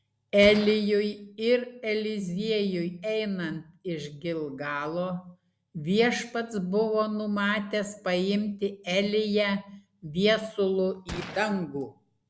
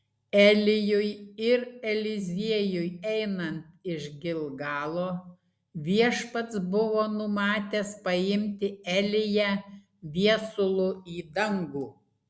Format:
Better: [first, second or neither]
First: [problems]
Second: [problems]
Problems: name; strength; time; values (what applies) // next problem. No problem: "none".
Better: second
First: background sound (Gunshot, gunfire); 15 dB below the speech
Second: none